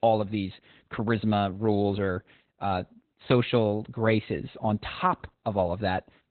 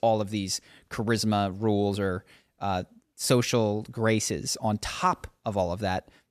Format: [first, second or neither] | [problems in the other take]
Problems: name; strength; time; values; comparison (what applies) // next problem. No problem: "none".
second | garbled, watery; badly; nothing above 4 kHz